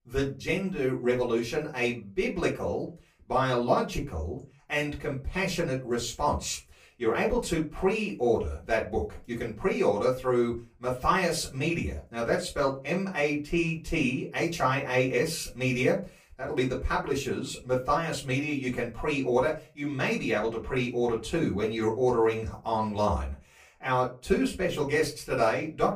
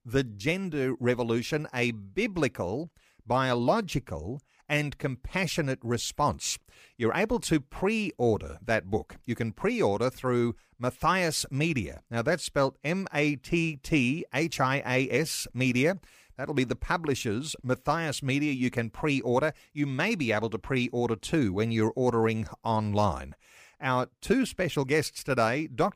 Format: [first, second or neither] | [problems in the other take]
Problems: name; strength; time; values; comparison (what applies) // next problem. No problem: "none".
second | off-mic speech; far // room echo; very slight; dies away in 0.2 s